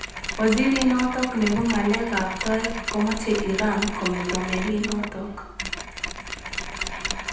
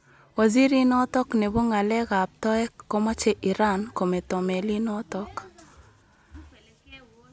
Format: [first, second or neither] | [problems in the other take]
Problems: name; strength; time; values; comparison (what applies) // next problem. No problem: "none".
second | background sound (Mechanisms); 6 dB below the speech // room echo; dies away in 0.9 s